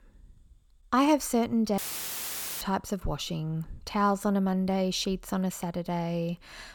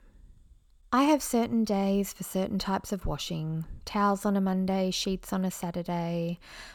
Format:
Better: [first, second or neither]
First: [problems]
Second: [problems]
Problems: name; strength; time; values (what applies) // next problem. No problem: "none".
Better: second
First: audio cutting out; filled with static; at 2 s for 1 s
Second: none